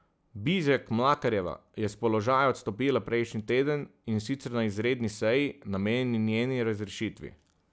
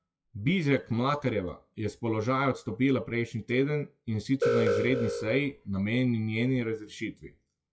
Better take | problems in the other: first | noise reduction (classical method WPE with log-MMSE)

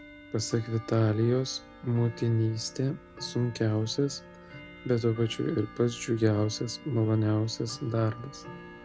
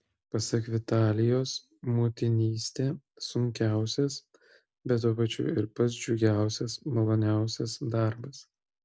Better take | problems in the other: second | background sound (Tick-tock / Bell); 18 dB below the speech

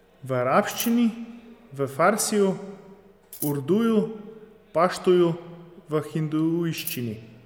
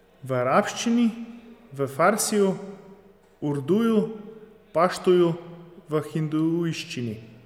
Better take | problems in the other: second | background sound (Scissors); 11 dB below the speech

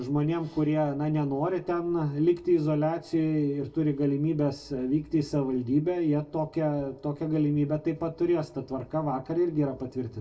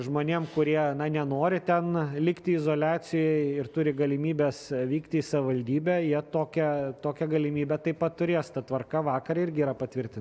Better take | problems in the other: second | room echo; dies away in 0.1 s

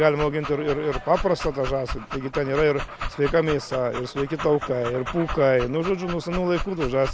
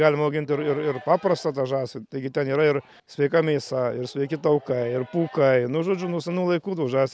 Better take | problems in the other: second | background sound (Dog); 9 dB below the speech

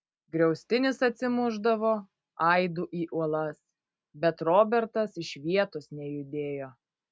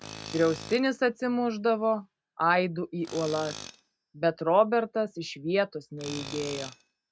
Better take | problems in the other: first | background sound (Tools); 17 dB below the speech

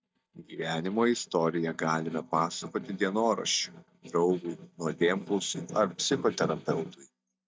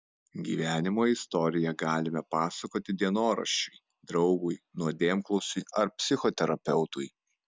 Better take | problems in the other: second | noise reduction (neural mask model DeepFilterNet 3)

